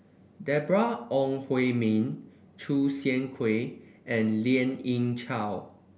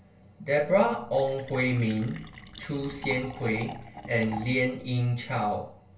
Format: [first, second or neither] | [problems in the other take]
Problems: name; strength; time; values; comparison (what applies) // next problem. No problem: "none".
first | background sound (Fill (with liquid)); 17 dB below the speech // room echo; dies away in 0.2 s